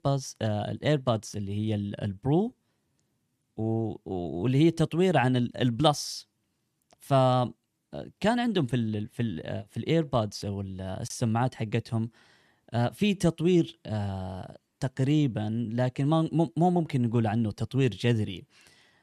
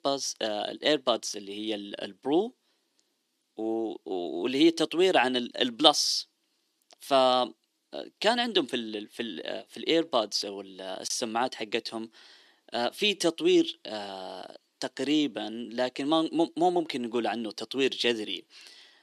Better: first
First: none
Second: thin; somewhat; fading below 300 Hz

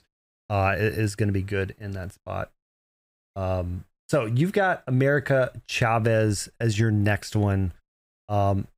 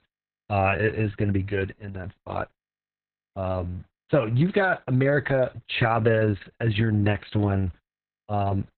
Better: first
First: none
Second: garbled, watery; badly; nothing above 4 kHz

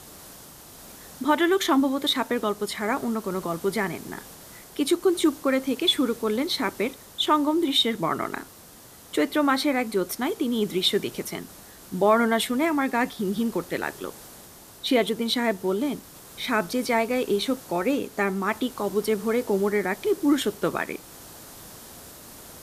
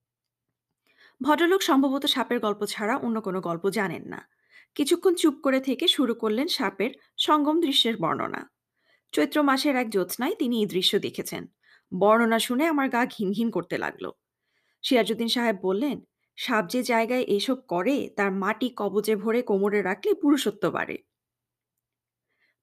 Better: second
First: hiss; noticeable; throughout; 20 dB below the speech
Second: none

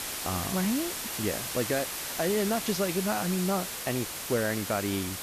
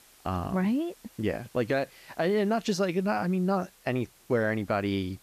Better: second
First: hiss; loud; throughout; 2 dB below the speech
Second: hiss; faint; throughout; 25 dB below the speech

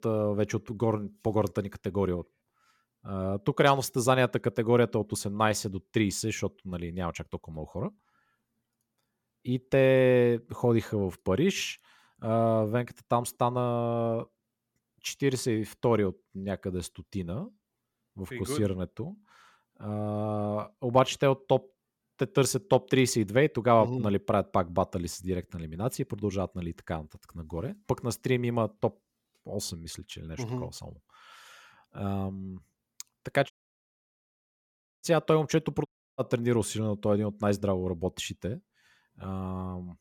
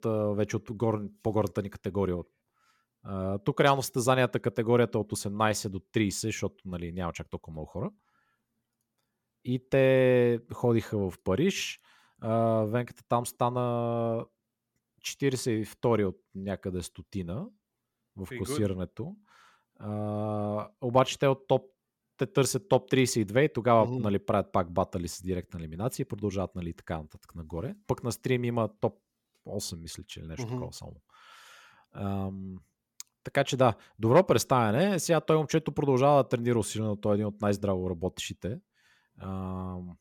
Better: second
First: audio cutting out; at 34 s for 1.5 s and at 36 s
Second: none

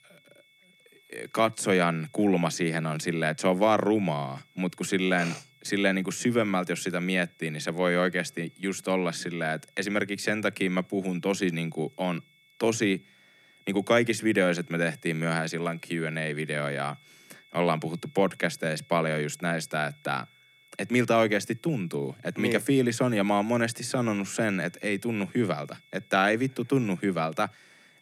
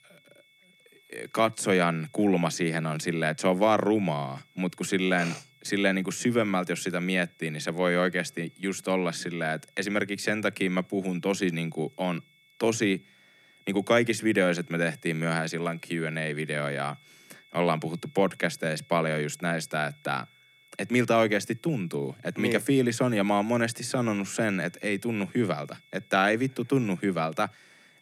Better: neither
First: high-pitched whine; faint; throughout; 2 kHz, 30 dB below the speech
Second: high-pitched whine; faint; throughout; 2 kHz, 30 dB below the speech

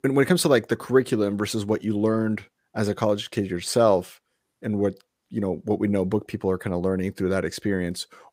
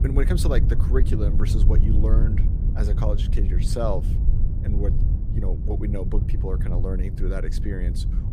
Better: first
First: none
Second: low rumble; loud; throughout; 6 dB below the speech

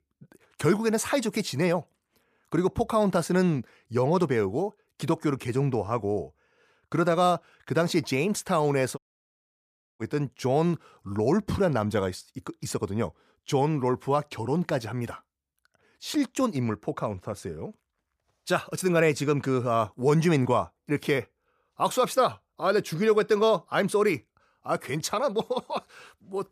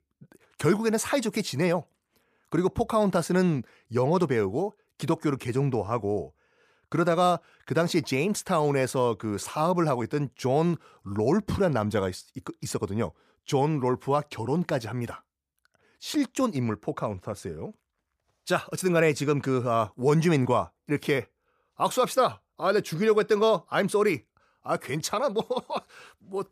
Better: second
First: audio cutting out; at 9 s for 1 s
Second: none

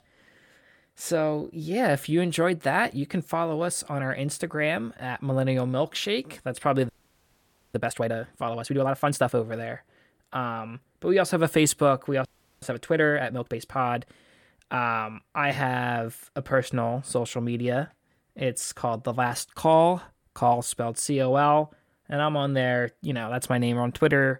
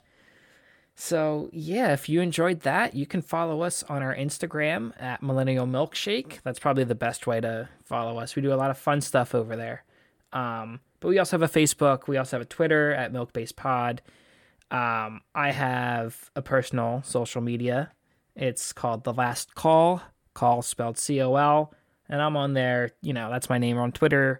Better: second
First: audio freezing; at 7 s for 1 s and at 12 s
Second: none

